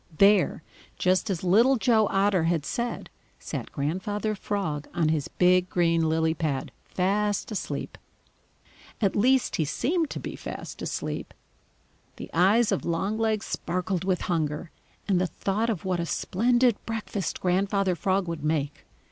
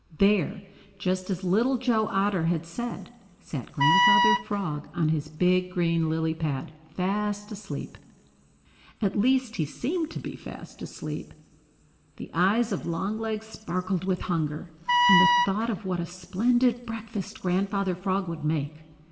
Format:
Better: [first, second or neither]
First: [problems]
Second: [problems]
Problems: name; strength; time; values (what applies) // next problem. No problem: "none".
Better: first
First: none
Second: background sound (Wind instrument, woodwind instrument); 4 dB above the speech // room echo; dies away in 1.7 s